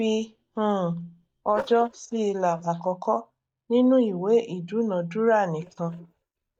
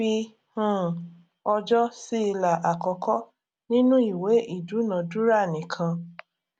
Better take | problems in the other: second | noise reduction (neural mask model DeepFilterNet 3)

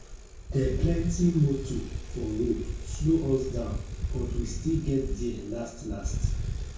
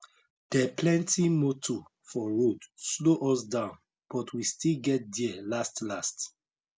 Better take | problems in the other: second | background sound (Bicycle); 3 dB below the speech // room echo; dies away in 0.6 s

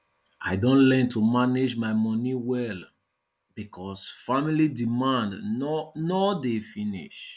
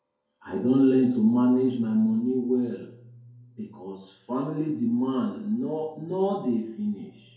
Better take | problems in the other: first | room echo; dies away in 2.2 s

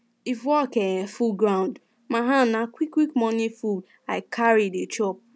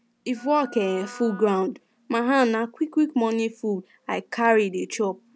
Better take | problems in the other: first | background sound (Wind instrument, woodwind instrument); 19 dB below the speech

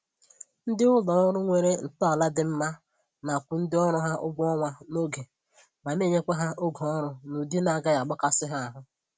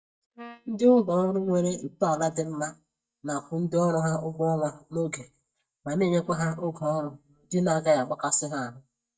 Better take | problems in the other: first | noise reduction (neural mask model DeepFilterNet 3)

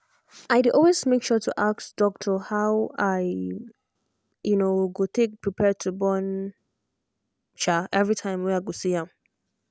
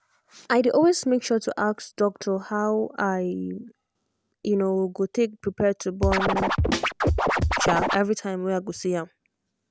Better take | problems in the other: first | background sound (Scratching (performance technique)); 2 dB above the speech

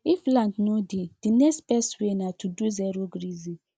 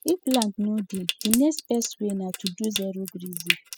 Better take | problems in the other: first | noise reduction (classical method spectral subtraction)

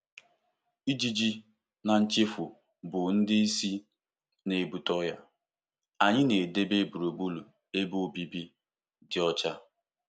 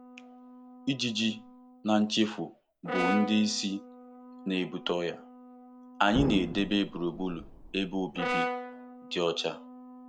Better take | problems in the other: first | background sound (Brass instrument + Explosion); 7 dB below the speech

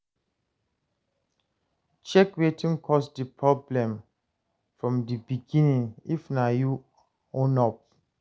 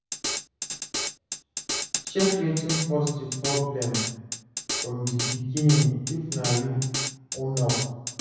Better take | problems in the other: first | background sound (Drum kit); 4 dB below the speech // room echo; dies away in 1.1 s

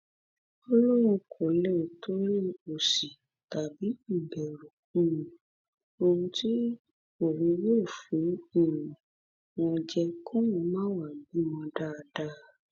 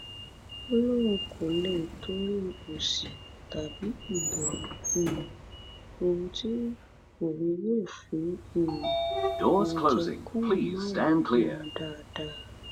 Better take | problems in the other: first | background sound (Sliding door); as loud as the speech

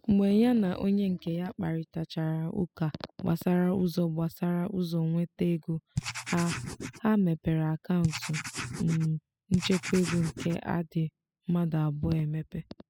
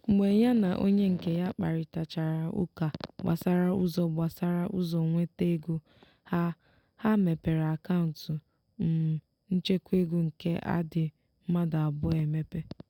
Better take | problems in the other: second | noise reduction (classical method spectral subtraction)

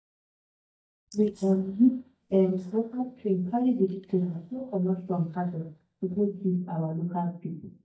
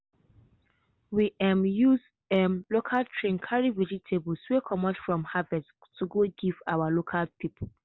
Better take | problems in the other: second | noise reduction (neural mask model DeepFilterNet 3)

